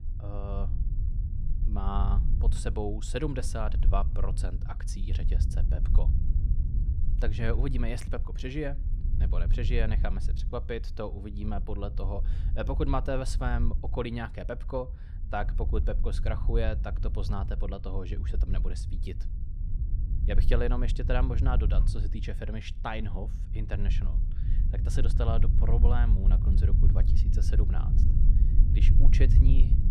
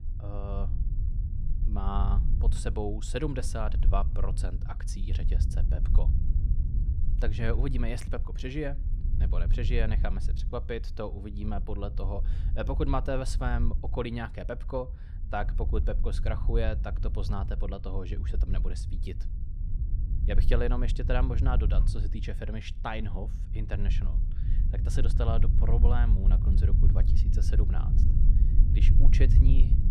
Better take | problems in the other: neither | low rumble; loud; throughout; 10 dB below the speech; the same in both

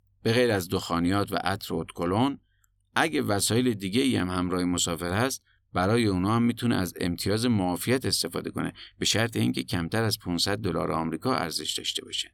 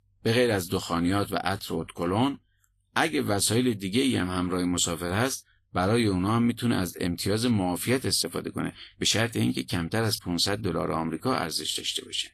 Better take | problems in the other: first | garbled, watery; slightly; nothing above 12.5 kHz

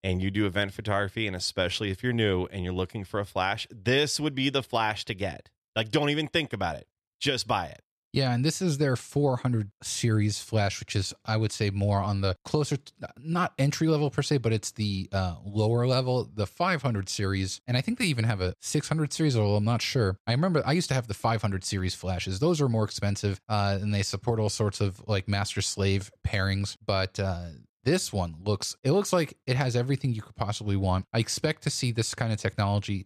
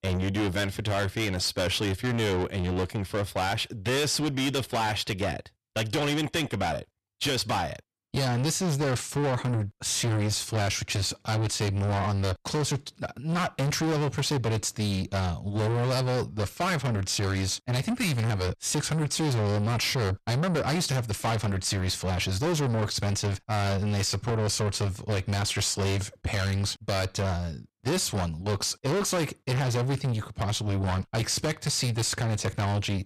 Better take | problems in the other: first | distortion; heavy; 6 dB below the speech

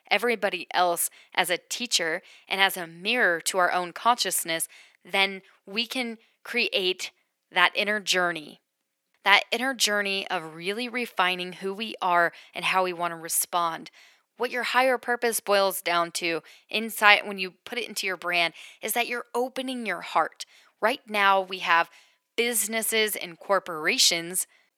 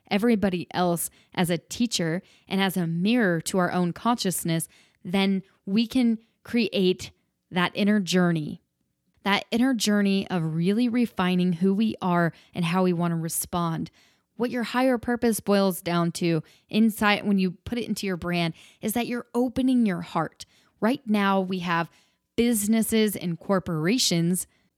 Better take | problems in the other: second | thin; very; fading below 650 Hz

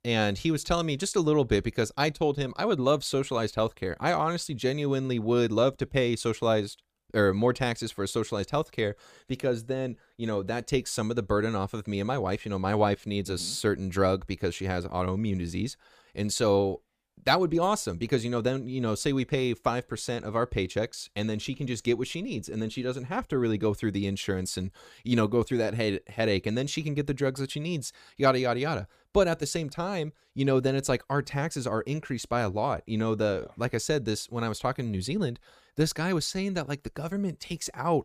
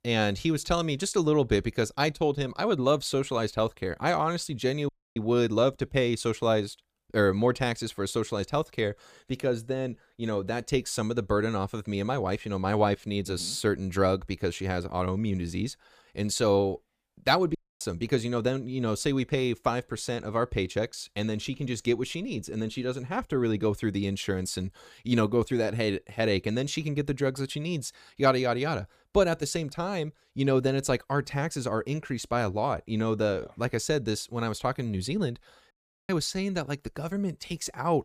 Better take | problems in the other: first | audio cutting out; at 5 s, at 18 s and at 36 s

